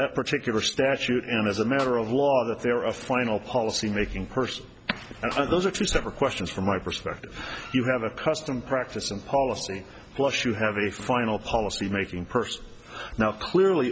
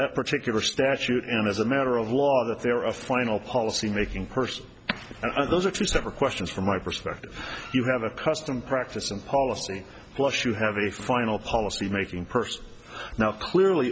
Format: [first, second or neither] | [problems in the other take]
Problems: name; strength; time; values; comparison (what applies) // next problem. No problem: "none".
second | background sound (Snare drum); 19 dB below the speech